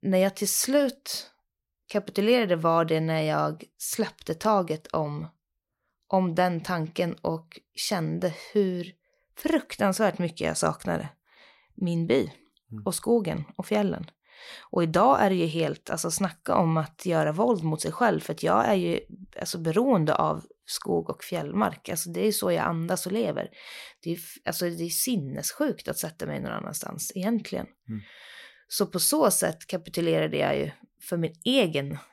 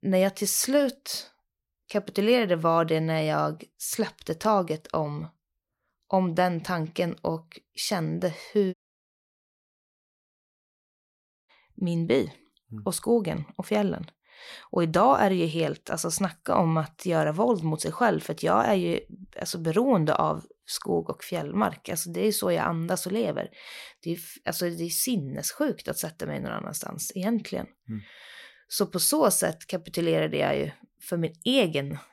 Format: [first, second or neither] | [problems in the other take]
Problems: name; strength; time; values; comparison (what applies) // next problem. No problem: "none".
first | audio cutting out; at 8.5 s for 2.5 s